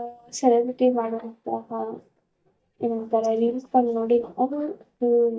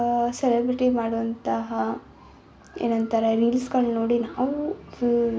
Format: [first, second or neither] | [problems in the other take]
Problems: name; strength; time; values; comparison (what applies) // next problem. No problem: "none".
second | noise reduction (neural mask model DeepFilterNet 3)